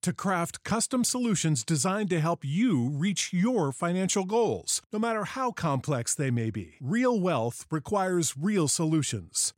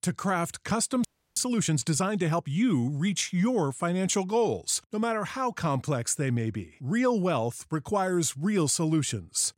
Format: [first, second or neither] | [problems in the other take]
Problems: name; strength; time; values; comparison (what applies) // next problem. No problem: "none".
first | audio freezing; at 1 s